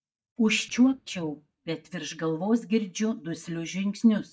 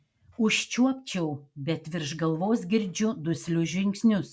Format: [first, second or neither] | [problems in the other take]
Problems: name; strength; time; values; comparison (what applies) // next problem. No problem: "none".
second | noise reduction (neural mask model DeepFilterNet 3)